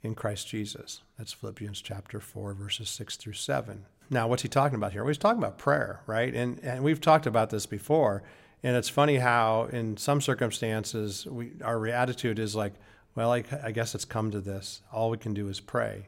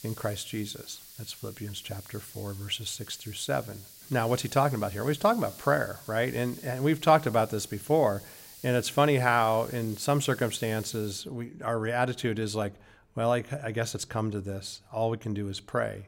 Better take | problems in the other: first | hiss; noticeable; until 11 s; 15 dB below the speech

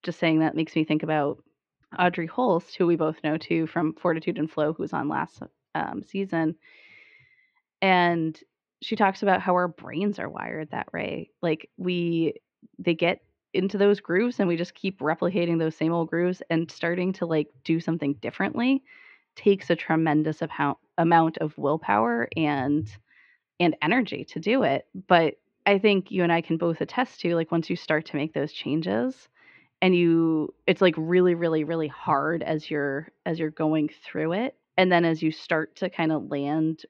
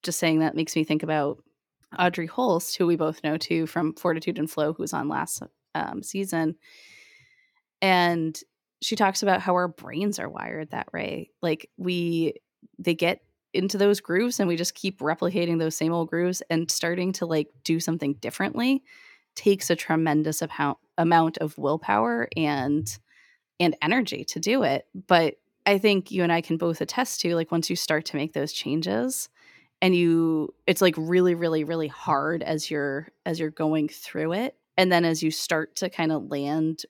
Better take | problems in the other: second | muffled; slightly; fading above 3.5 kHz

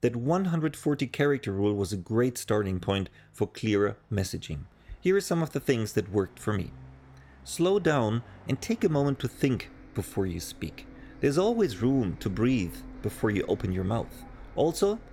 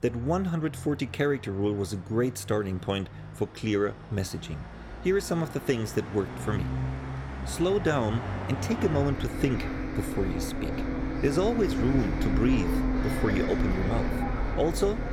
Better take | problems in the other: first | traffic noise; loud; throughout; 3 dB below the speech; faint in the first

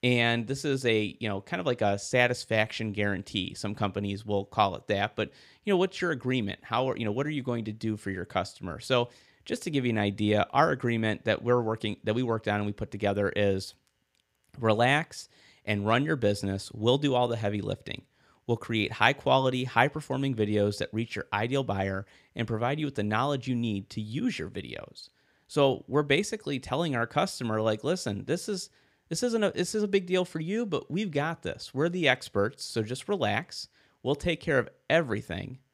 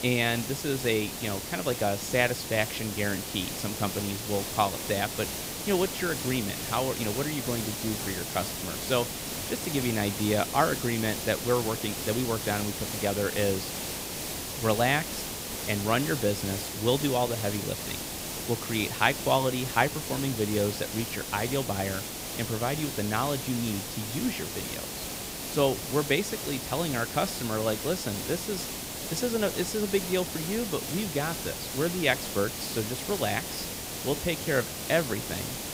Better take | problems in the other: first | hiss; loud; throughout; 4 dB below the speech

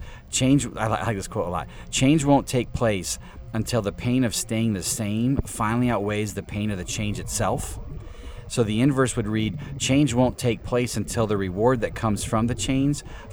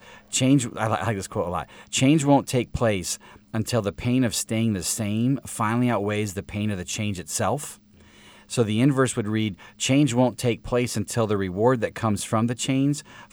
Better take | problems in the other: second | low rumble; faint; throughout; 20 dB below the speech

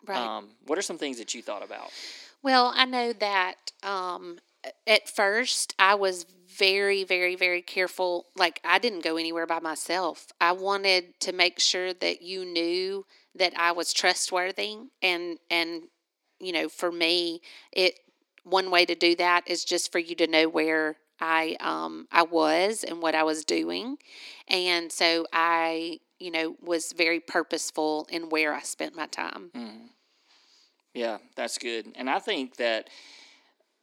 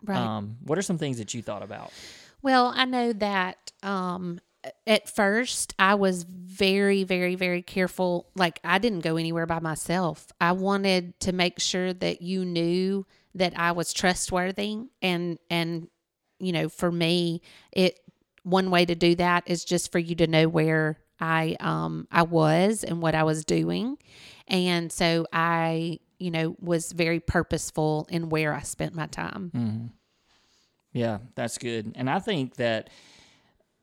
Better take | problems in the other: second | thin; somewhat; fading below 250 Hz

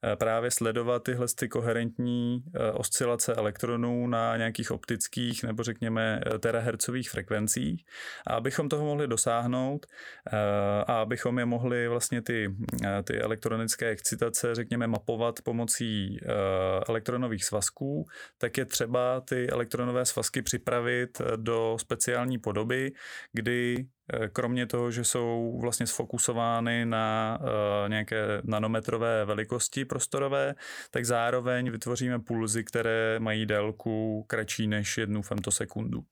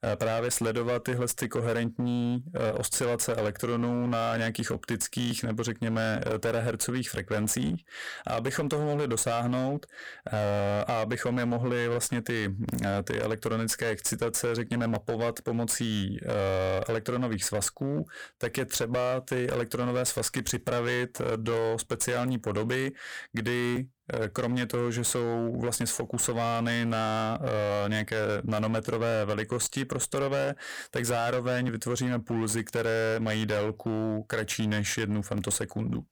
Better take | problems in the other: first | distortion; slight; 18% of the sound clipped

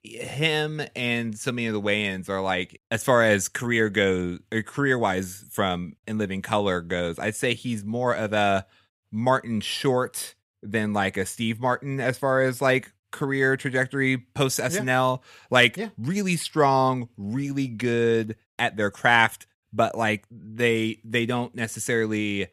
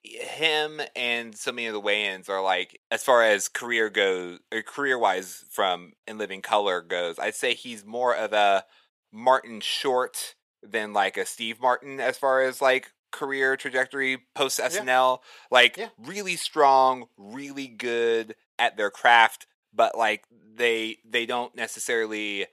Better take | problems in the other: first | thin; somewhat; fading below 450 Hz

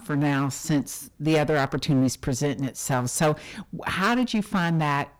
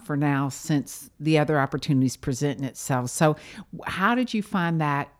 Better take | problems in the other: second | distortion; heavy; 9% of the sound clipped

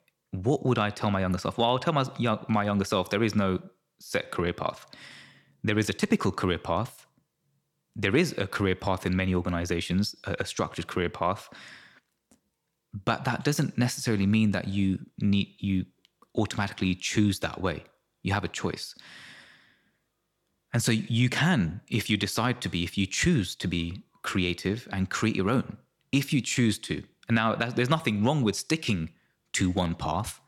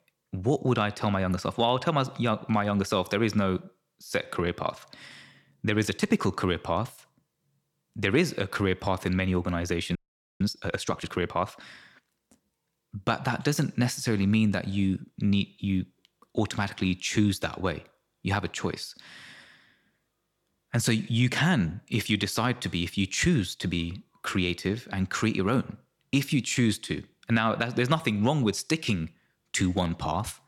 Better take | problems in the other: first | audio freezing; at 10 s

